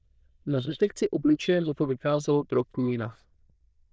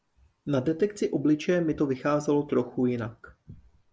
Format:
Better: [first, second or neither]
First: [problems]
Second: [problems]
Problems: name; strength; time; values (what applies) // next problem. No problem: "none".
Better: second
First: noise reduction (neural diffusion model UNIVERSE++)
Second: none